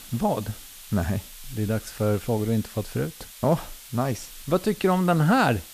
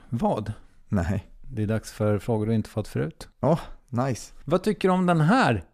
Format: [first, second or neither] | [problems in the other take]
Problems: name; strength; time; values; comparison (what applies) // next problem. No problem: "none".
second | hiss; noticeable; throughout; 15 dB below the speech